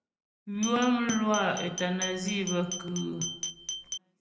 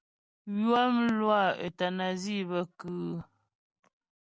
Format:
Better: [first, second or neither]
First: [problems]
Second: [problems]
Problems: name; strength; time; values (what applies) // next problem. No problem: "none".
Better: second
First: background sound (Glass); 8 dB below the speech // room echo; dies away in 0.8 s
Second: none